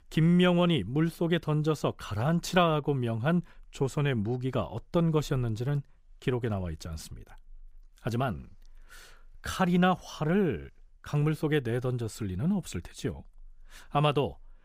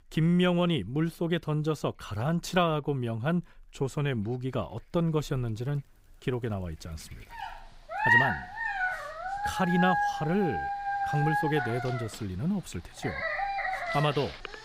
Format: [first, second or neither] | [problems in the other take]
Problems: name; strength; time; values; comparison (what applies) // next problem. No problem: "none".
first | animal sounds; loud; throughout; as loud as the speech